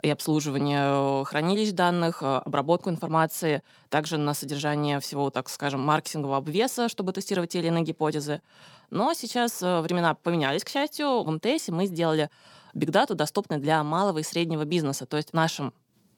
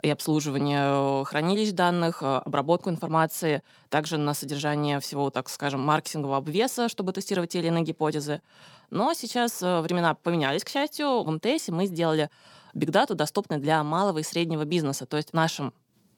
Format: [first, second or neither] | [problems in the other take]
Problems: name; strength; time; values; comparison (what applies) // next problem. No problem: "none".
neither | none